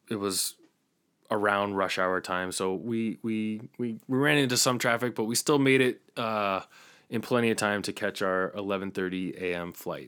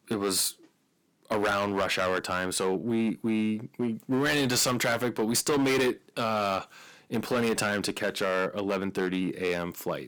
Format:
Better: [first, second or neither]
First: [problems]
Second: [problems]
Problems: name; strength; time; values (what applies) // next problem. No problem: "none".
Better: first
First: none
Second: distortion; heavy; 10% of the sound clipped